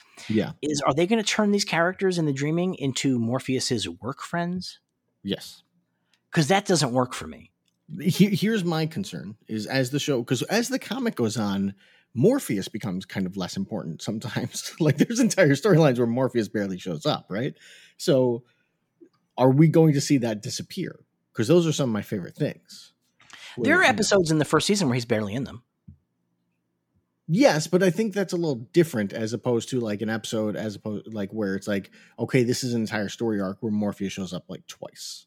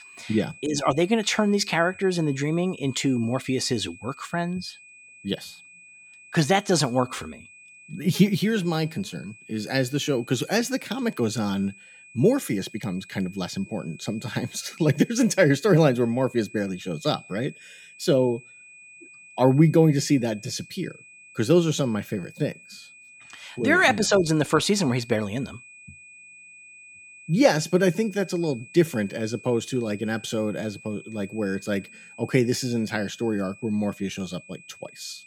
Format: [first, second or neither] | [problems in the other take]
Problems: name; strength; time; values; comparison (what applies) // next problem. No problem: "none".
first | high-pitched whine; faint; throughout; 2.5 kHz, 20 dB below the speech